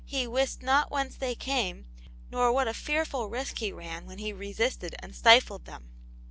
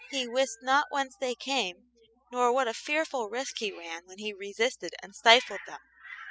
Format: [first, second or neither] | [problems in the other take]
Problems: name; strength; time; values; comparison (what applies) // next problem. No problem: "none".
first | noise reduction (classical method spectral subtraction)